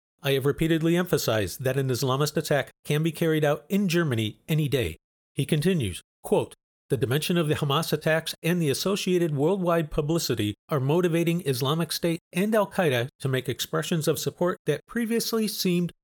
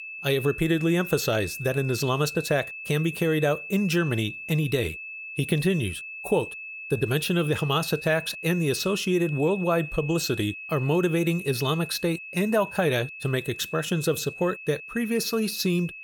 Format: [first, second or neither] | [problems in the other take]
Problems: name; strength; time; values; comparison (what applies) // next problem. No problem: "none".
first | high-pitched whine; noticeable; throughout; 2.5 kHz, 10 dB below the speech